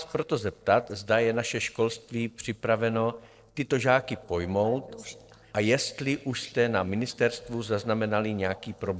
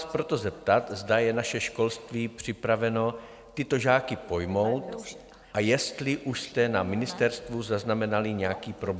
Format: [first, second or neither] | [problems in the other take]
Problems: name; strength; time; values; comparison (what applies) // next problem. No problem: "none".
second | noise reduction (neural separator model SepFormer DNS4)